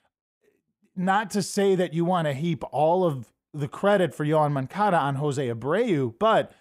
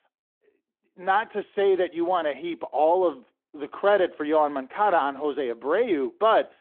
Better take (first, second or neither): first